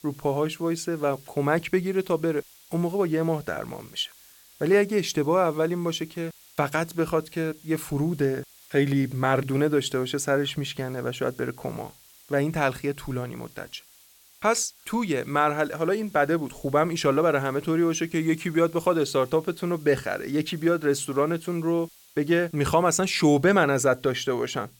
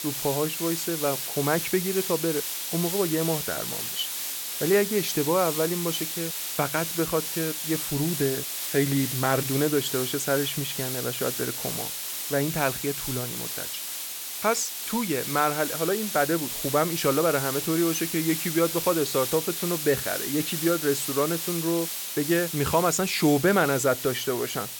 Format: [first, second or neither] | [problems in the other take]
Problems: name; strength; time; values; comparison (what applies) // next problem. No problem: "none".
first | hiss; loud; throughout; 3 dB below the speech; faint in the first